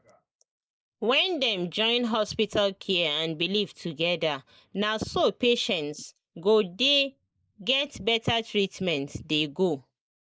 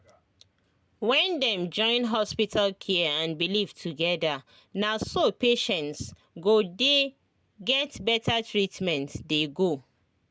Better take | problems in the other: second | noise reduction (neural mask model Resemble Enhance denoiser)

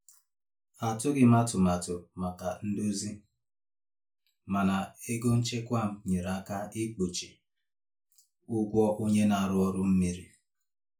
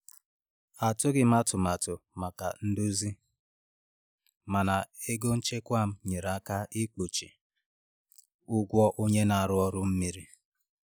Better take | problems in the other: second | room echo; dies away in 0.2 s

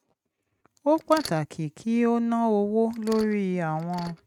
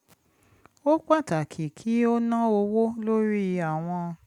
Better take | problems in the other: second | noise reduction (neural mask model RNNoise)

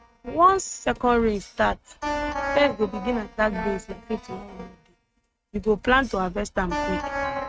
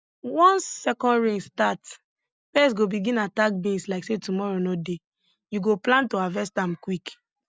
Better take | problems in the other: second | noise reduction (neural mask model RNNoise)

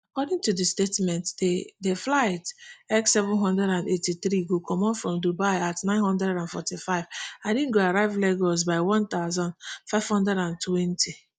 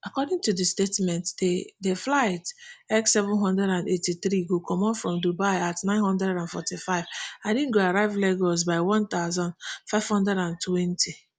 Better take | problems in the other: second | noise reduction (neural mask model DeepFilterNet 3)

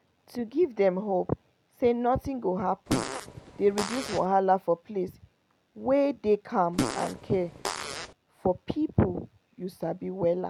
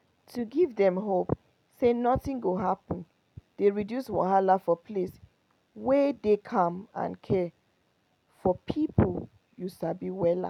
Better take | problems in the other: second | background sound (Fart); 5 dB below the speech

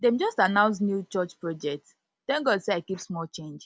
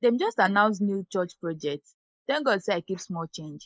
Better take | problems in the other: first | noise reduction (neural mask model Resemble Enhance denoiser)

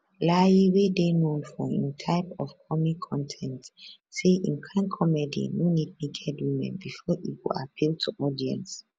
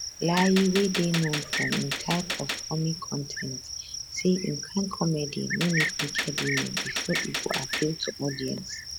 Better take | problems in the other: first | background sound (Gunshot, gunfire + Cricket); 4 dB below the speech

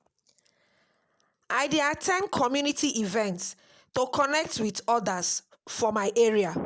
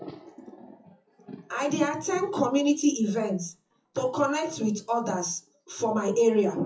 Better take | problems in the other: first | noise reduction (classical method WPE with log-MMSE)

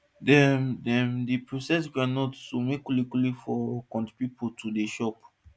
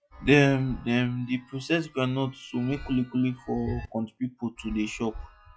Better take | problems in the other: first | noise reduction (classical method log-MMSE)

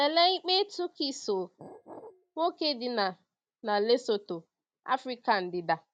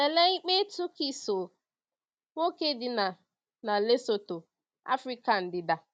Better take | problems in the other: second | background sound (Glass); 19 dB below the speech

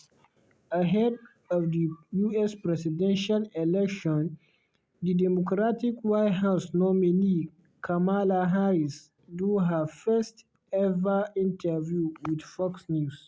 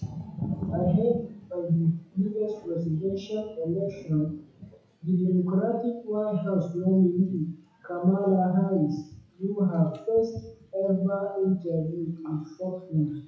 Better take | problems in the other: first | noise reduction (classical method WPE with log-MMSE)

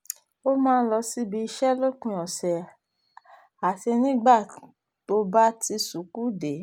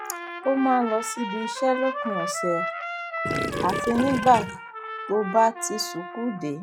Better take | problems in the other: first | noise reduction (classical method log-MMSE)

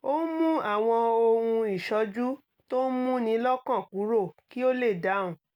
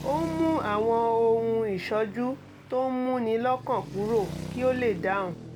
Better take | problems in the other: first | background sound (Traffic noise, roadway noise); 12 dB below the speech

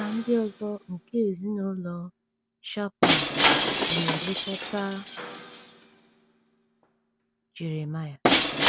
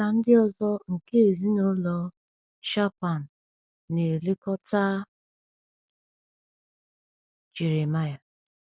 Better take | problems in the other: second | background sound (Shatter); 3 dB above the speech

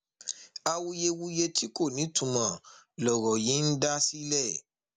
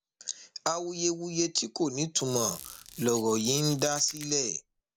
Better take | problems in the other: first | background sound (Squeak); 16 dB below the speech

